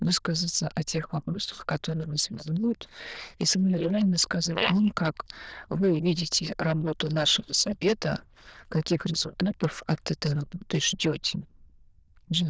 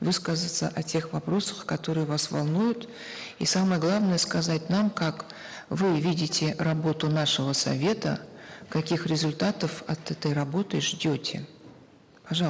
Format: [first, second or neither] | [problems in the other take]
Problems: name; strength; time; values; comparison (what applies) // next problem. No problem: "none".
second | noise reduction (neural diffusion model UNIVERSE++)